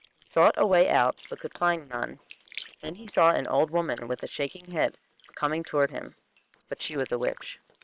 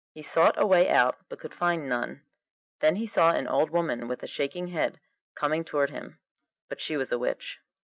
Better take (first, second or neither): second